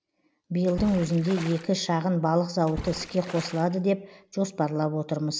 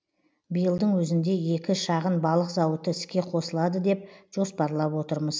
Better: second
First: background sound (Water / Splash, splatter); 15 dB below the speech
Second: none

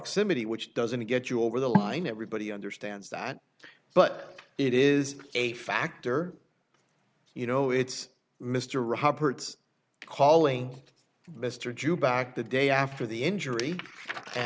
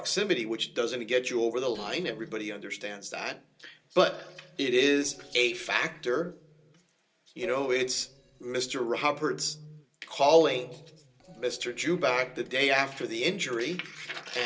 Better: first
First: none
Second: noise reduction (neural separator model SepFormer DNS4)

